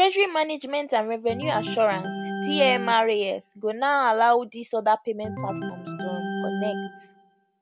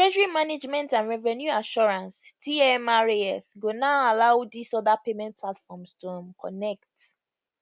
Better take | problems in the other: second | background sound (Organ); 9 dB below the speech

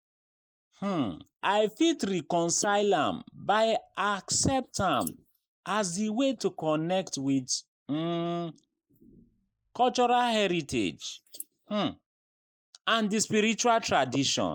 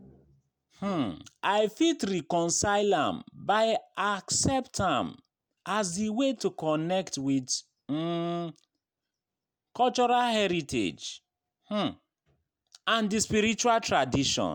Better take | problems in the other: second | noise reduction (neural mask model Resemble Enhance denoiser)

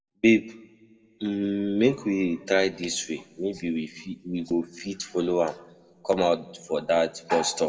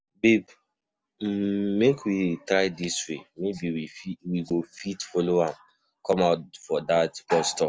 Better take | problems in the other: second | room echo; dies away in 0.7 s

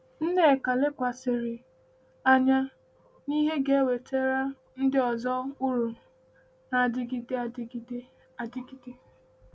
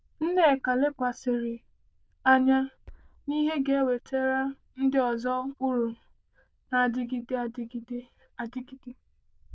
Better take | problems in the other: first | noise reduction (neural diffusion model UNIVERSE++)

